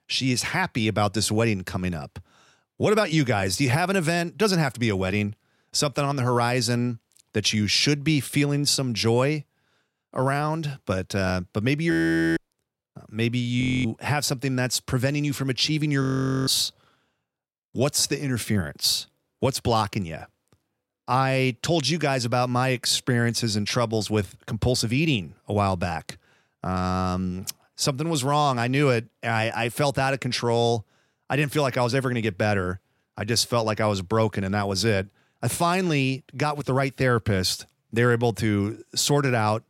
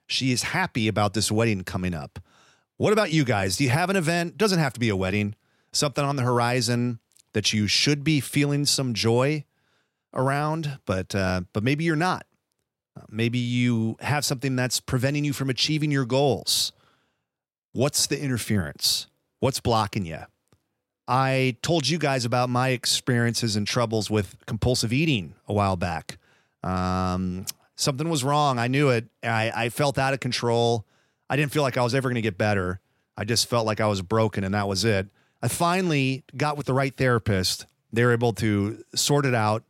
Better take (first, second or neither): second